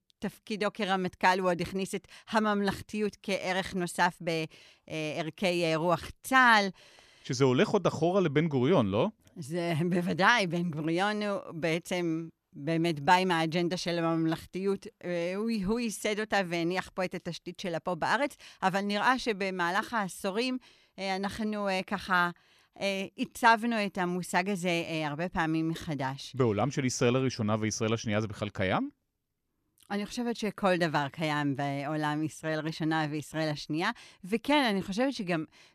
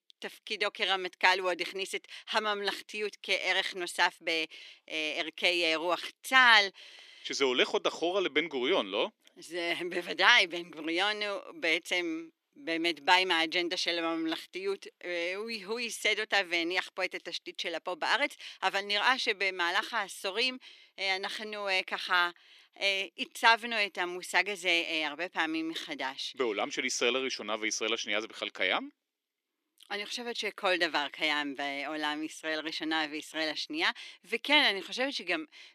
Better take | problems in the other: first | thin; somewhat; fading below 300 Hz

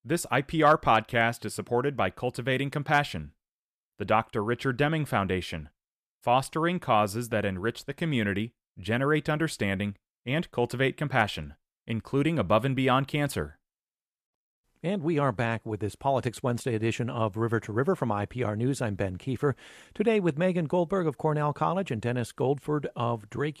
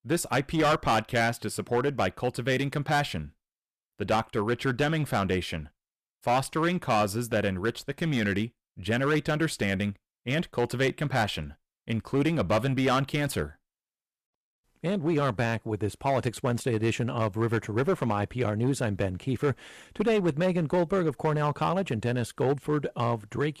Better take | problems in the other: first | distortion; slight; 7% of the sound clipped

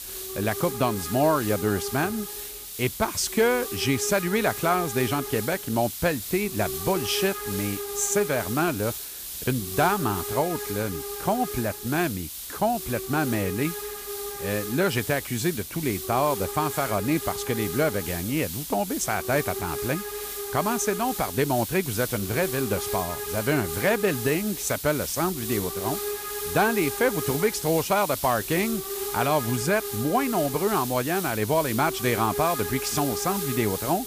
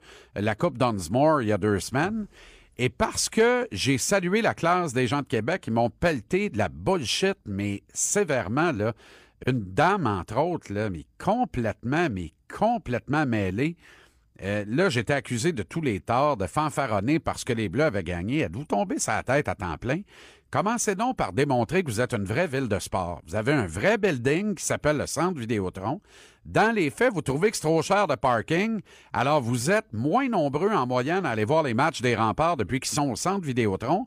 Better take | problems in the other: second | hiss; loud; throughout; 5 dB below the speech

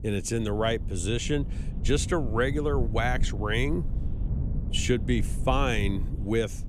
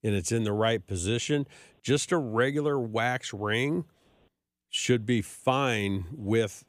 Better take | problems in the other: second | wind noise on the microphone; occasional gusts; 15 dB below the speech

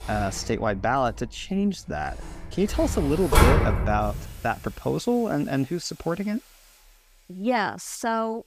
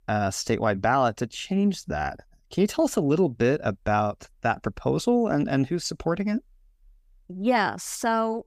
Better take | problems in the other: second | household noises; very loud; throughout; 1 dB above the speech

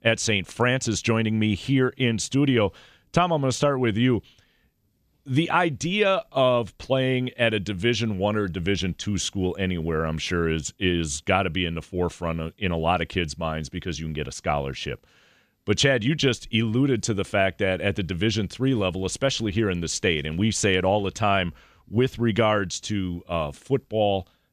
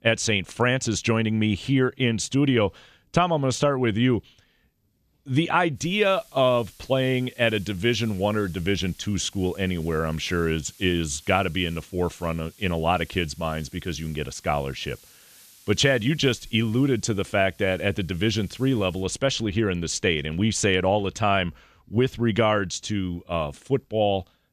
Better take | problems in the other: first | hiss; faint; from 6 to 19 s; 25 dB below the speech

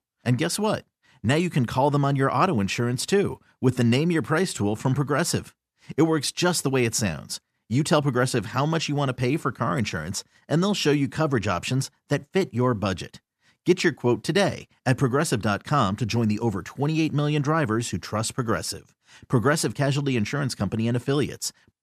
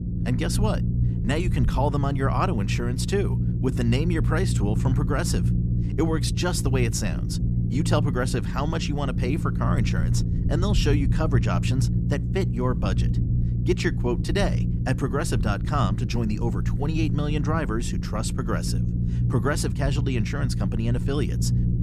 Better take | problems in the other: first | low rumble; loud; throughout; 7 dB below the speech

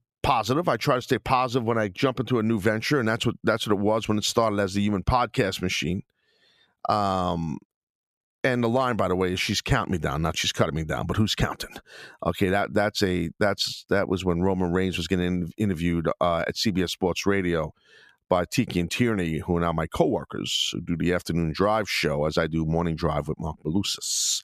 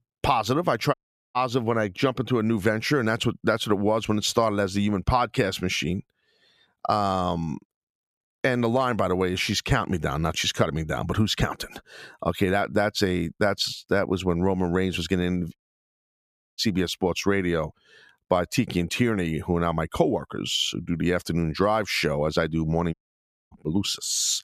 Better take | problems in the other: first | audio cutting out; at 1 s, at 16 s for 1 s and at 23 s for 0.5 s

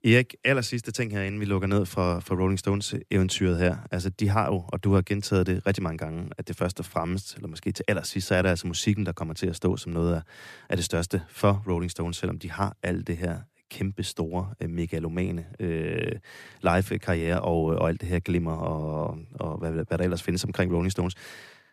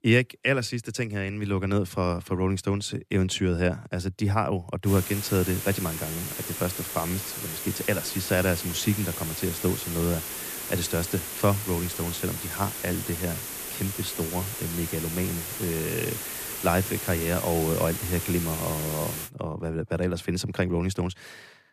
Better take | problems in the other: first | hiss; loud; from 5 to 19 s; 4 dB below the speech

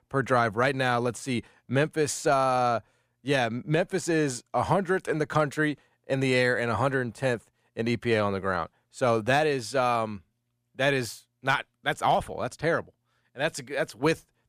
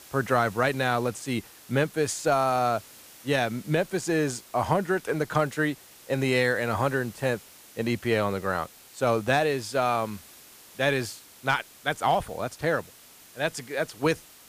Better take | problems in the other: first | hiss; faint; throughout; 20 dB below the speech

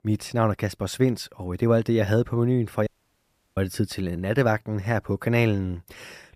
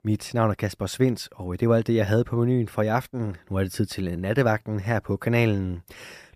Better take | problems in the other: second | audio cutting out; at 3 s for 0.5 s

